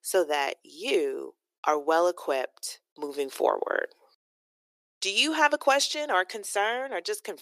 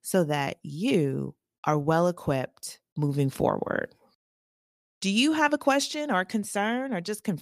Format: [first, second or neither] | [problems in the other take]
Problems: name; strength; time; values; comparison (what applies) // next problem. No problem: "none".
second | thin; very; fading below 350 Hz